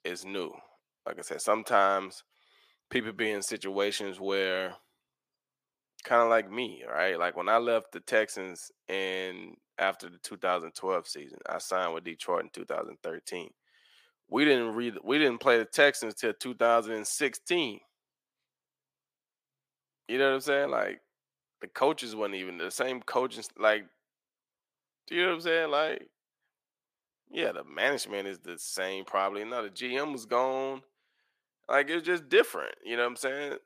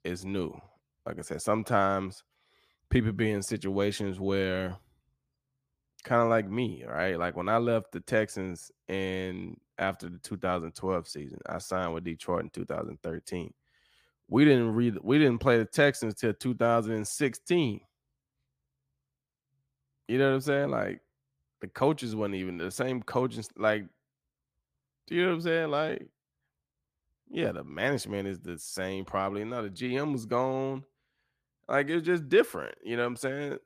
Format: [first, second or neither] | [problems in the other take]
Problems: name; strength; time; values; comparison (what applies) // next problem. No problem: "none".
second | thin; somewhat; fading below 450 Hz